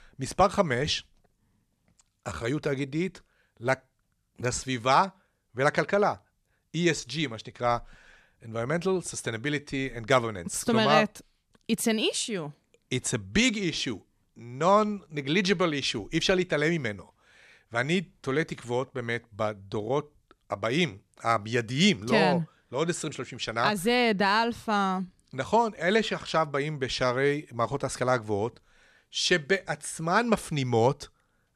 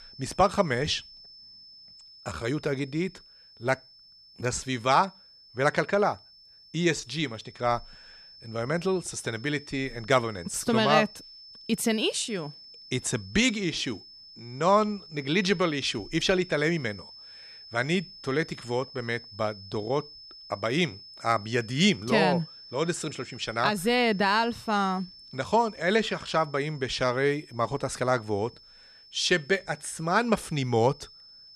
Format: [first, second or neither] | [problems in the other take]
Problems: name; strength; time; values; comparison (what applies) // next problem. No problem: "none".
first | high-pitched whine; noticeable; throughout; 5.5 kHz, 20 dB below the speech